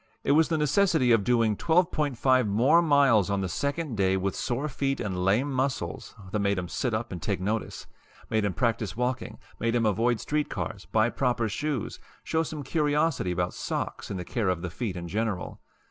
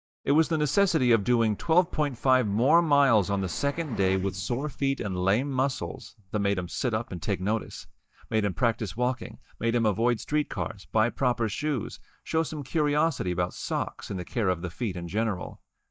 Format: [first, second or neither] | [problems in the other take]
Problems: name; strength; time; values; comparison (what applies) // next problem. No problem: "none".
first | noise reduction (neural mask model DeepFilterNet 3)